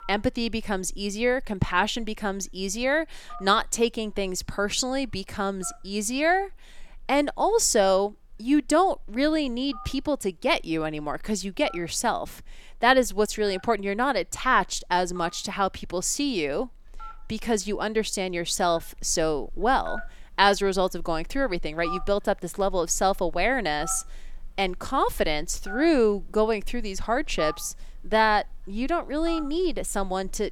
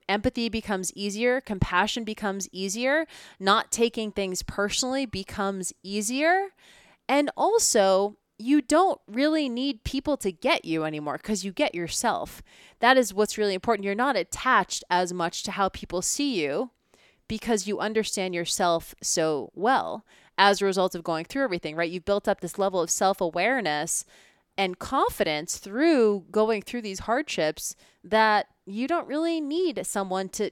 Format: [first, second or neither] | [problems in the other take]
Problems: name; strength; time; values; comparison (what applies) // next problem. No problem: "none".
second | alarms or sirens; noticeable; throughout; 20 dB below the speech